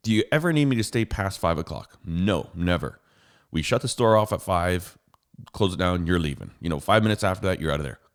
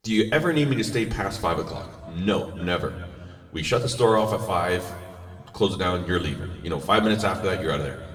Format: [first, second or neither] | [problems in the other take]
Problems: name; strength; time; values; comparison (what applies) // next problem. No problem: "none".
first | room echo; slight; dies away in 1.4 s // off-mic speech; somewhat distant